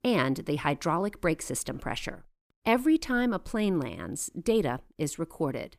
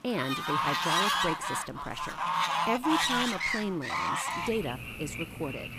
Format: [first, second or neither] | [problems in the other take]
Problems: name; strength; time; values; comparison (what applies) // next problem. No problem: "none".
first | animal sounds; very loud; throughout; 4 dB above the speech